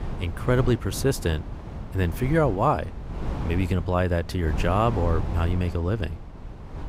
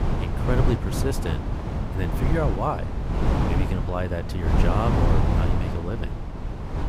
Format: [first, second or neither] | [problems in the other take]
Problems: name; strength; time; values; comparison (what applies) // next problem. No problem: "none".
first | wind noise on the microphone; heavy; 2 dB below the speech; occasional gusts in the first